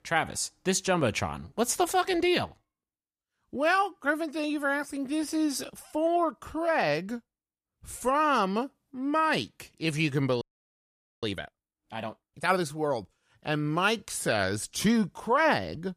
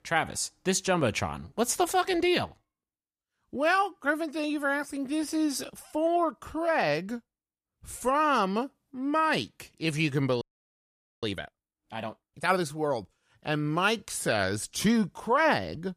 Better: neither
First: audio freezing; at 10 s for 1 s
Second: audio freezing; at 10 s for 1 s

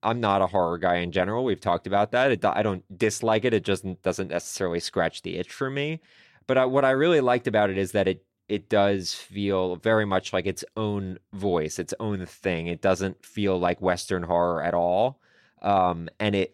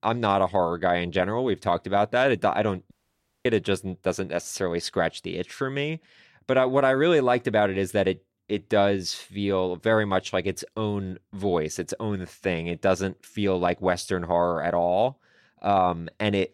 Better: first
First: none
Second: audio cutting out; at 3 s for 0.5 s

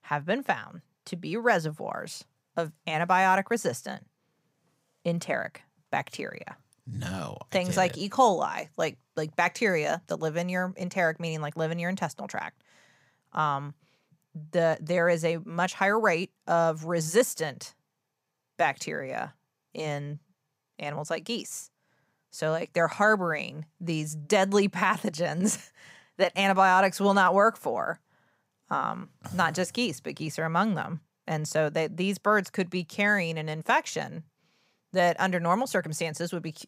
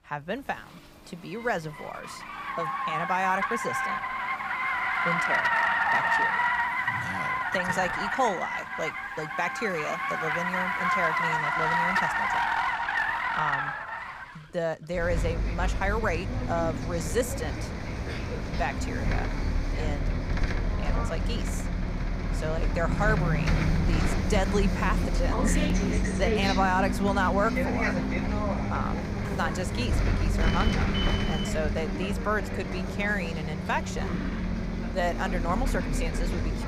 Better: first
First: none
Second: traffic noise; very loud; throughout; 3 dB above the speech

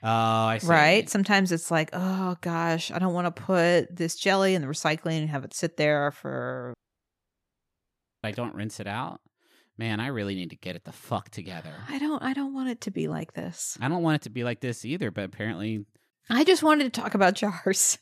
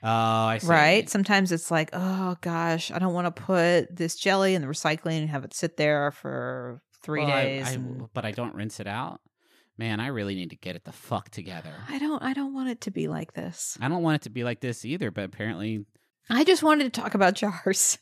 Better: second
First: audio cutting out; at 6.5 s for 1.5 s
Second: none

